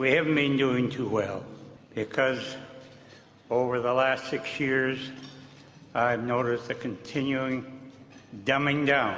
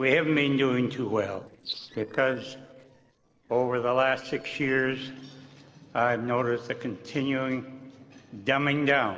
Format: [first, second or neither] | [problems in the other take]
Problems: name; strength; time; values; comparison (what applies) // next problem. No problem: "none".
first | noise reduction (neural separator model SepFormer DNS4)